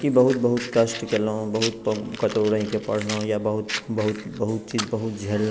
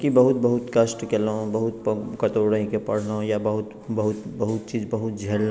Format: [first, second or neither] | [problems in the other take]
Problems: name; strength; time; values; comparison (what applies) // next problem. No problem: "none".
second | background sound (Fire); 13 dB below the speech